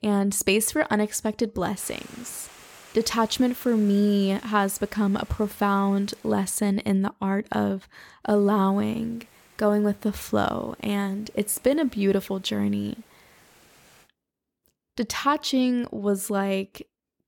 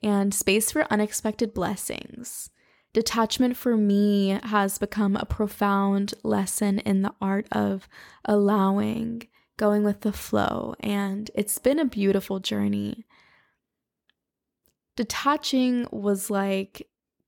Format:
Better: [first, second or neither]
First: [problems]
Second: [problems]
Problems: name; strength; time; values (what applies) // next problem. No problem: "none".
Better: second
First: hiss; faint; from 2 to 6.5 s and from 8.5 to 14 s; 25 dB below the speech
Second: none